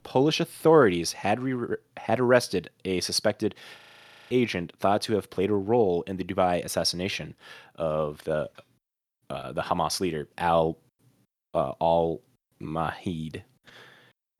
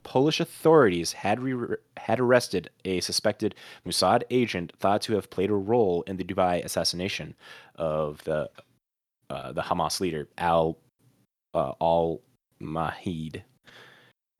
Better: second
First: audio freezing; at 4 s for 0.5 s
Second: none

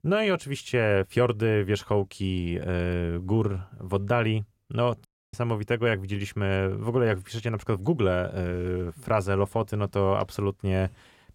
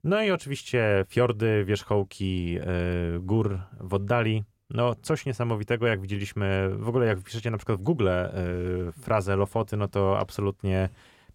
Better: second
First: audio cutting out; at 5 s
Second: none

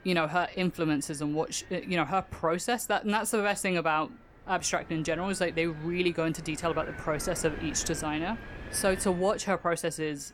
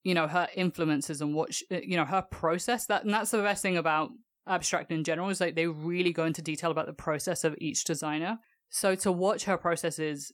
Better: second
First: wind noise on the microphone; occasional gusts; 15 dB below the speech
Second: none

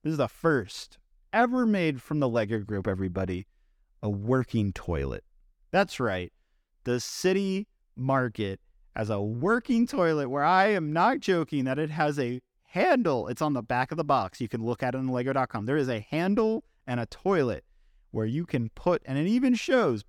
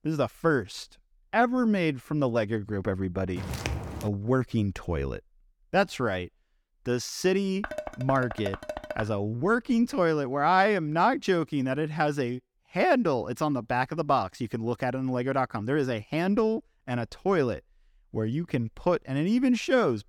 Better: first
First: none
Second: footsteps; noticeable; at 3.5 s; peak 5 dB below the speech // clattering dishes; noticeable; from 7.5 to 9 s; peak 9 dB below the speech

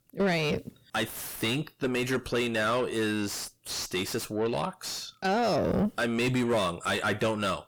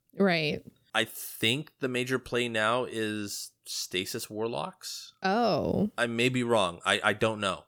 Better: second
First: distortion; heavy; 5 dB below the speech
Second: none

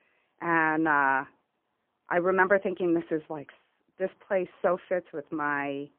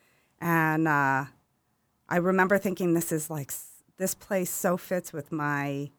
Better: second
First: phone-call audio; poor line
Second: none

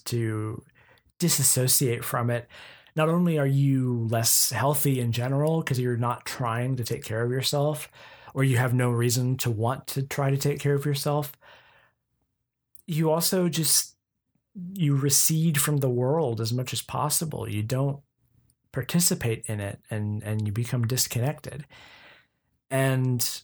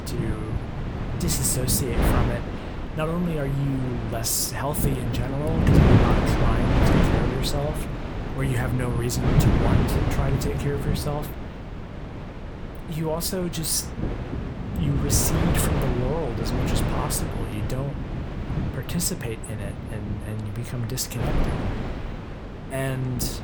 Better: first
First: none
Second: wind noise on the microphone; heavy; 1 dB below the speech

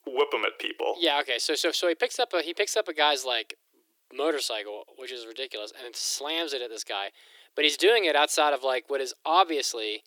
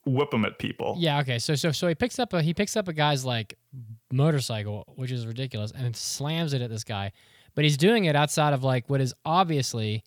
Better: second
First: thin; very; fading below 300 Hz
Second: none

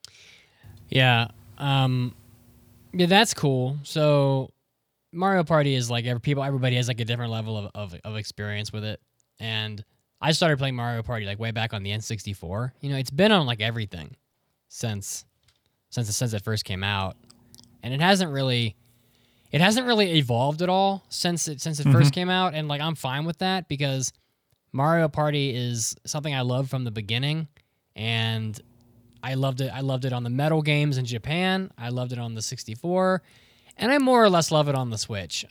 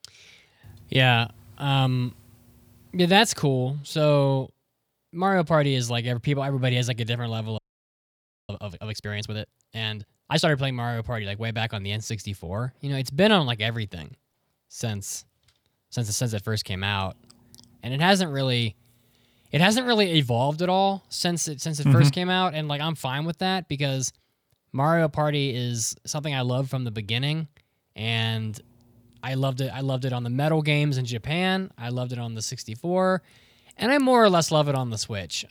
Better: first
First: none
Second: audio freezing; at 7.5 s for 1 s

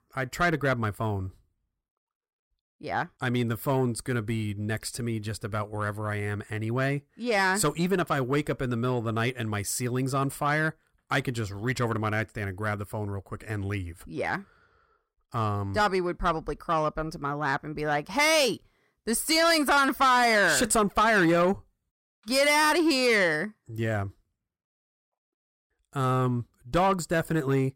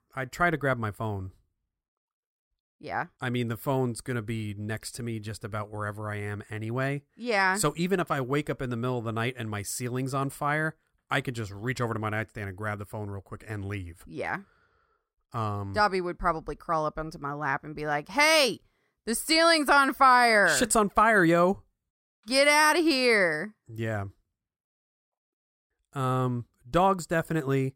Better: second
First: distortion; slight; 10 dB below the speech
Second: none

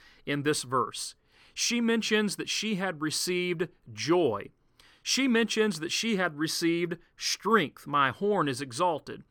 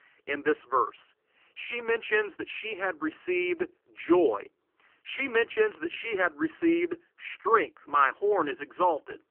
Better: first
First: none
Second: phone-call audio; poor line; nothing above 3 kHz

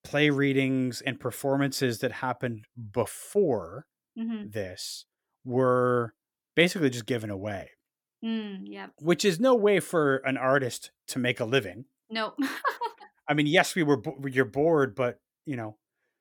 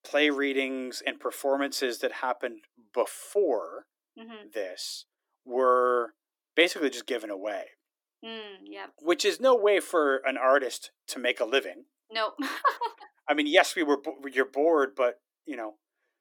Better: first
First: none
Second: thin; somewhat; fading below 300 Hz

